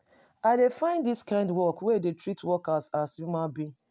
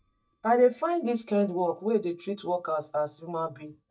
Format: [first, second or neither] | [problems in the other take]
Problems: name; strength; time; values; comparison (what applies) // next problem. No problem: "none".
first | noise reduction (neural mask model DeepFilterNet 3)